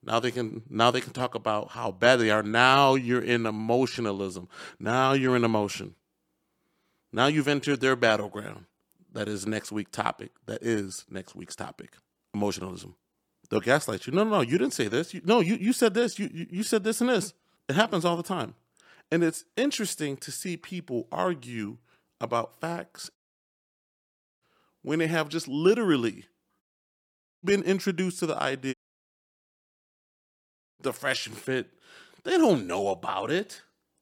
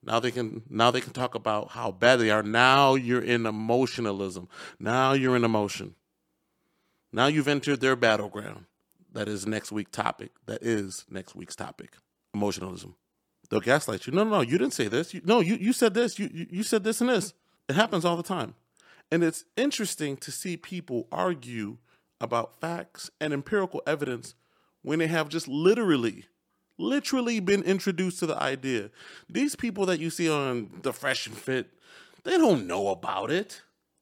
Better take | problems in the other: second | audio cutting out; at 23 s for 1.5 s, at 27 s for 1 s and at 29 s for 2 s

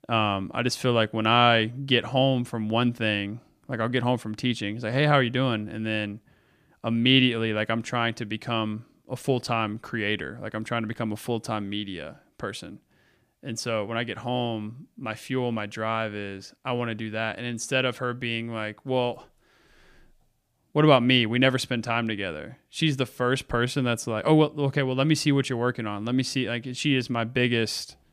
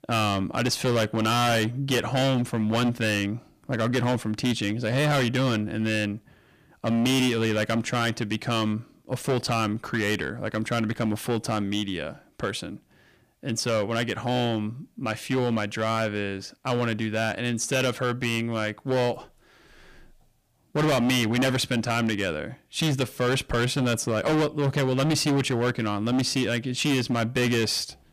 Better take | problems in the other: first | distortion; heavy; 15% of the sound clipped

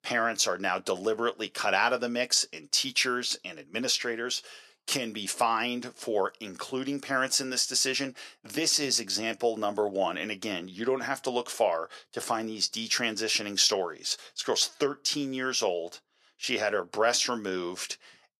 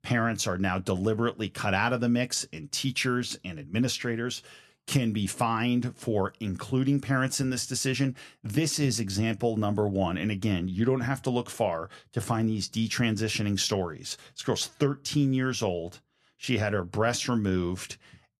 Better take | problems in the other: second | thin; somewhat; fading below 500 Hz

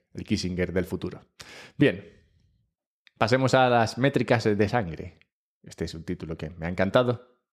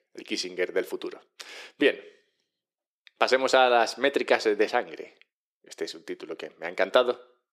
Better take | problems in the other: first | thin; somewhat; fading below 350 Hz

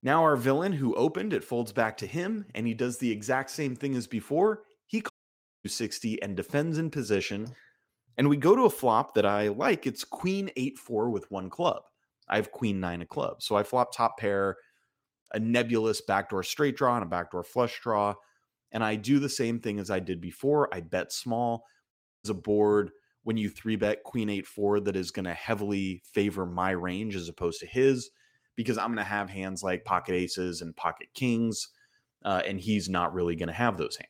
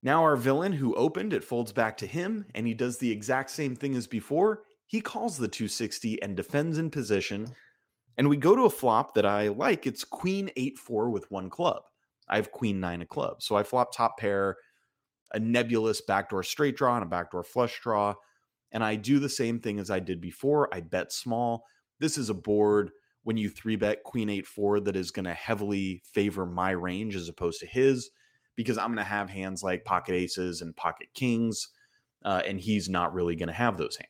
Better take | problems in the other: second | audio cutting out; at 5 s for 0.5 s and at 22 s

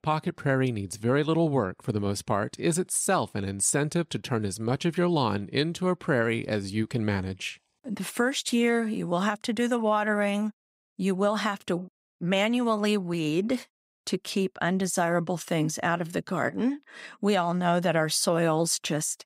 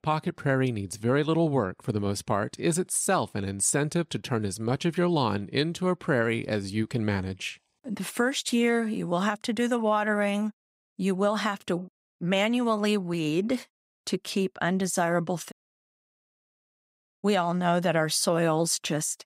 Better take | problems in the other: first | audio cutting out; at 16 s for 1.5 s

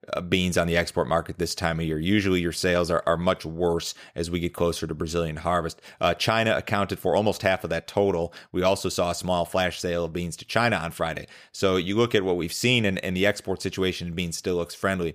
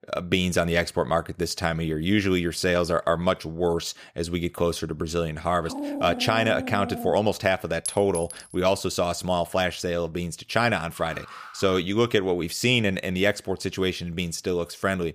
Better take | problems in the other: first | dog barking; noticeable; from 5.5 to 7 s; peak 6 dB below the speech // clattering dishes; noticeable; at 8 s; peak 6 dB below the speech // alarm; faint; at 11 s; peak 15 dB below the speech

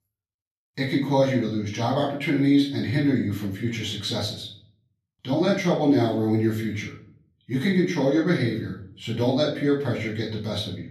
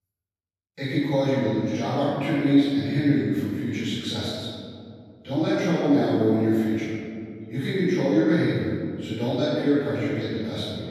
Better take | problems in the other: first | room echo; strong; dies away in 2.3 s; slight in the first // off-mic speech; far; far in the first

